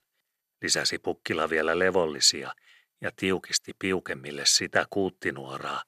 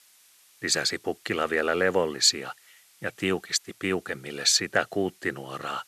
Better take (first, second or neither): first